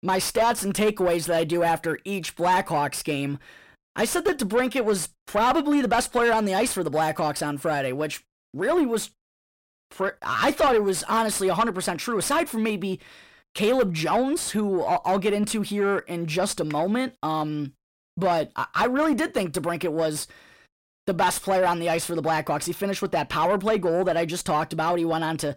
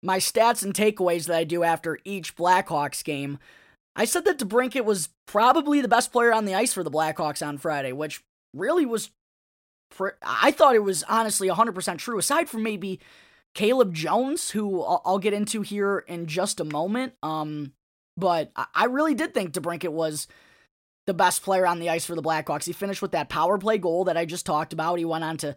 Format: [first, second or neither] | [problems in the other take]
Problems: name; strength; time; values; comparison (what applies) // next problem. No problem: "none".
second | distortion; slight; 9 dB below the speech